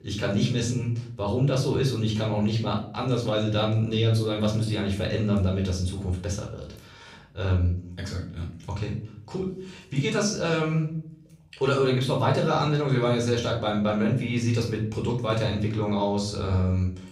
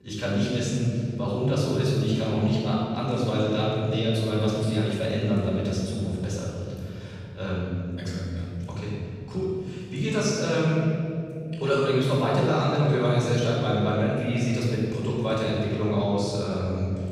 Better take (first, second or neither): first